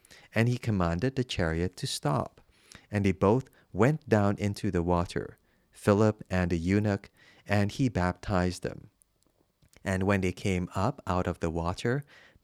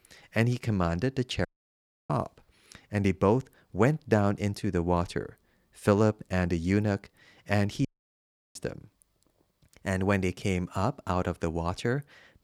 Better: first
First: none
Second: audio cutting out; at 1.5 s for 0.5 s and at 8 s for 0.5 s

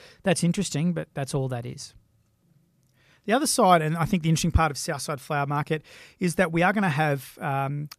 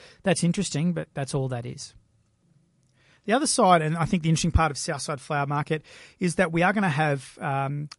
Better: first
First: none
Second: garbled, watery; slightly; nothing above 10.5 kHz

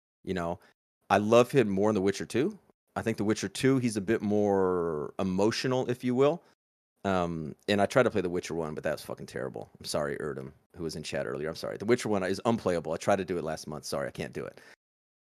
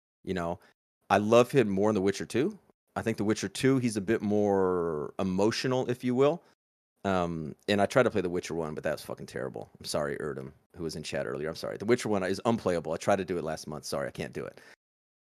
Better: neither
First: none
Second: none

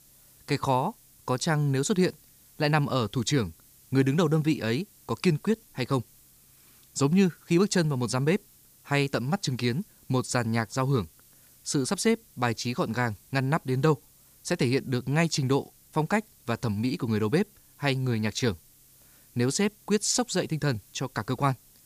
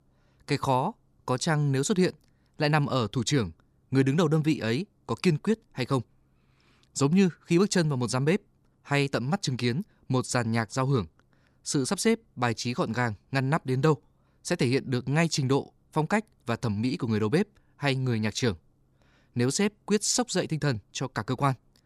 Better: second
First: hiss; faint; throughout; 25 dB below the speech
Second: none

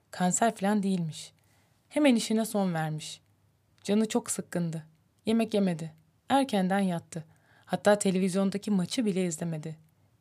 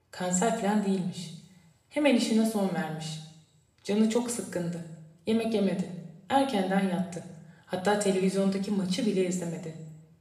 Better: first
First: none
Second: room echo; noticeable; dies away in 0.8 s // off-mic speech; somewhat distant

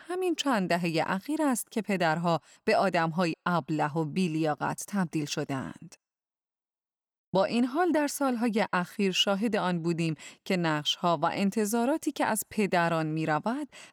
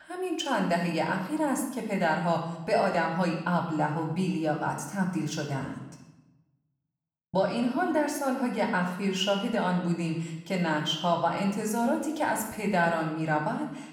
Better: first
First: none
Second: room echo; noticeable; dies away in 0.8 s // off-mic speech; somewhat distant

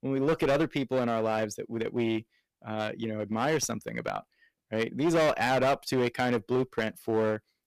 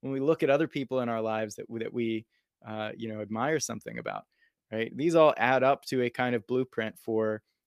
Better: second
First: distortion; heavy; 11% of the sound clipped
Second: none

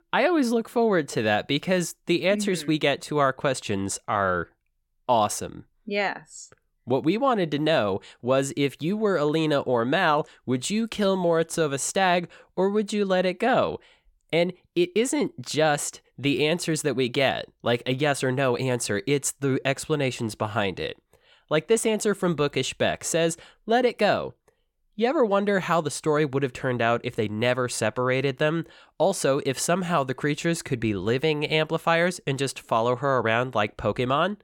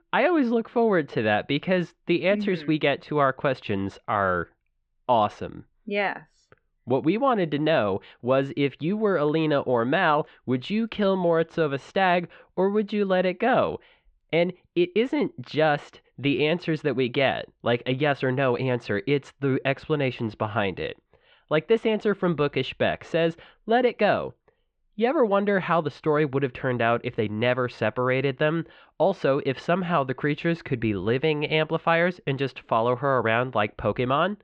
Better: first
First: none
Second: muffled; very; fading above 3.5 kHz

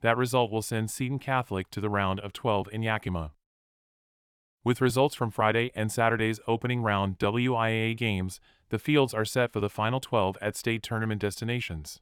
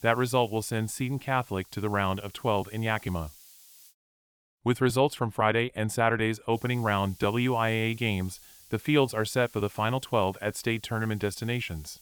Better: first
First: none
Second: hiss; faint; until 4 s and from 6.5 s on; 25 dB below the speech

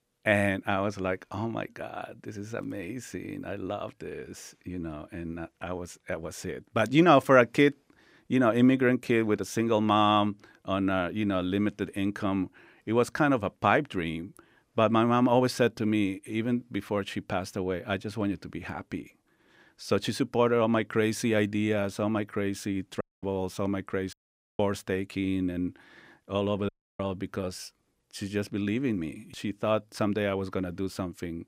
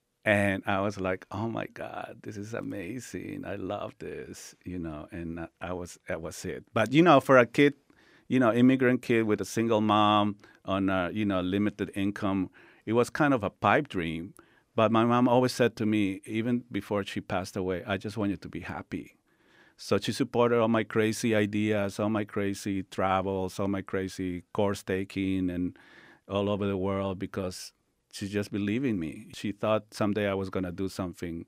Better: second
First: audio cutting out; at 23 s, at 24 s and at 27 s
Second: none

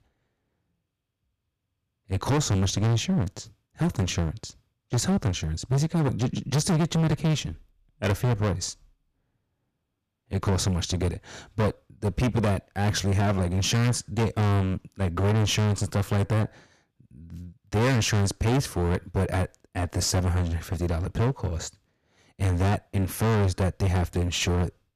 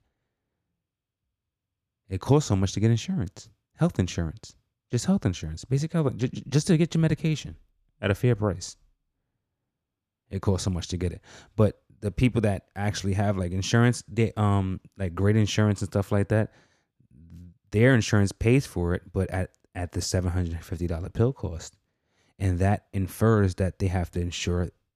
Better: second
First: distortion; heavy; 17% of the sound clipped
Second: none

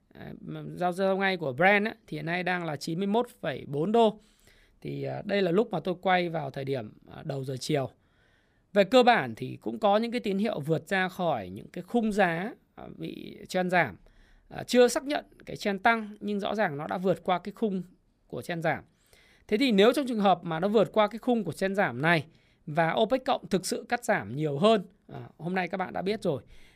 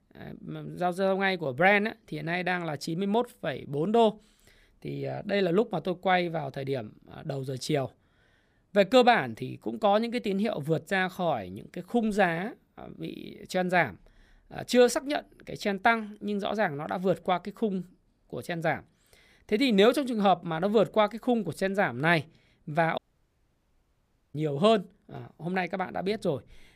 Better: first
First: none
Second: audio cutting out; at 23 s for 1.5 s

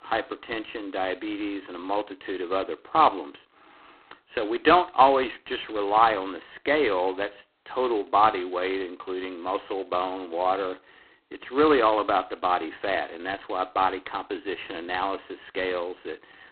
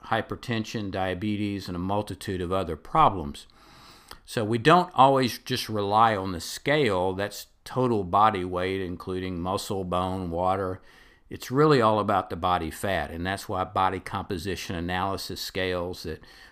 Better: second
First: phone-call audio; poor line; nothing above 4 kHz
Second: none

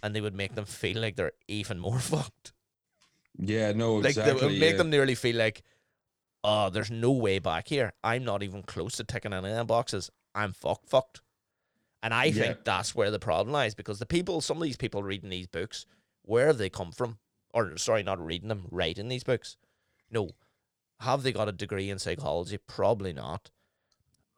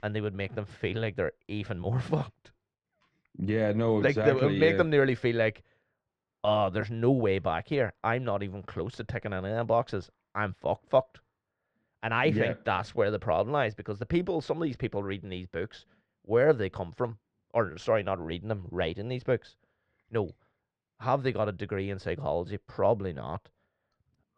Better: first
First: none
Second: muffled; slightly; fading above 2 kHz

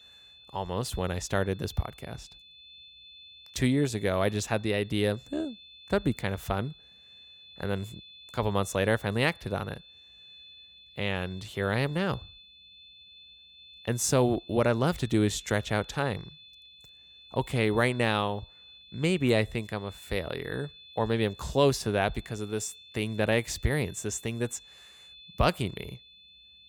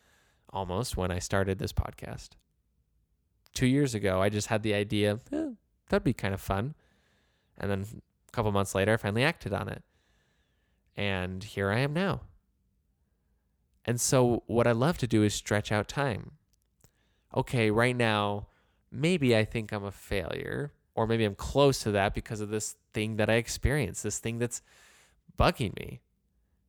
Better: second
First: high-pitched whine; noticeable; throughout; 3.5 kHz, 20 dB below the speech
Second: none

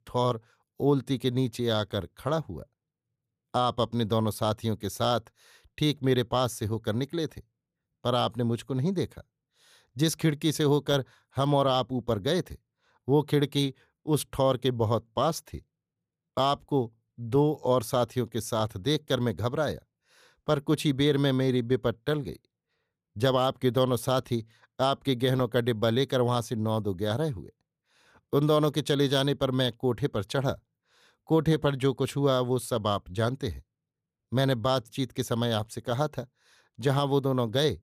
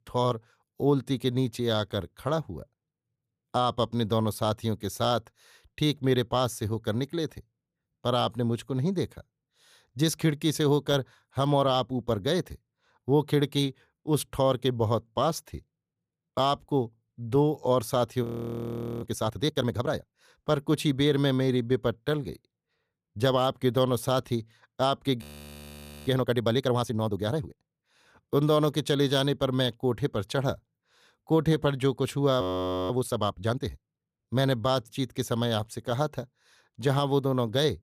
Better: first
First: none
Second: audio freezing; at 18 s for 1 s, at 25 s for 1 s and at 32 s

